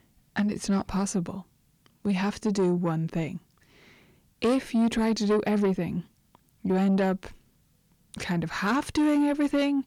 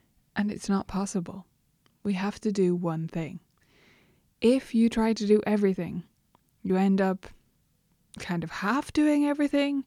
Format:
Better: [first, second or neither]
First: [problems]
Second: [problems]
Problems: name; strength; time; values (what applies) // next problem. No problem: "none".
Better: second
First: distortion; slight; 10 dB below the speech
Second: none